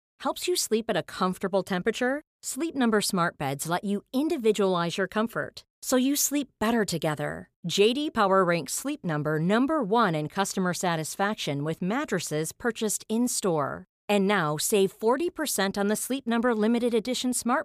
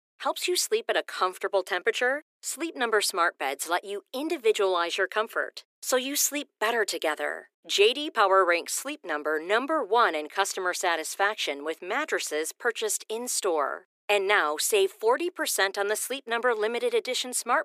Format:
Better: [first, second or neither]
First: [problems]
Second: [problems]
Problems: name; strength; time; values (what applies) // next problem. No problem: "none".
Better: first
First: none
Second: thin; very; fading below 350 Hz